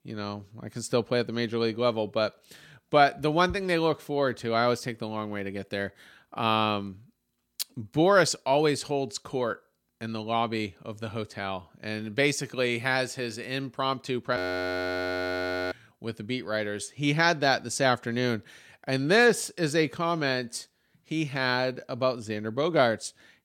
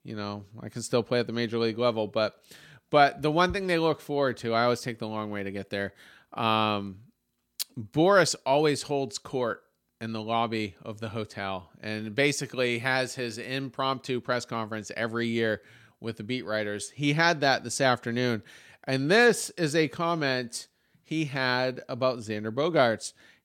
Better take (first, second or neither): second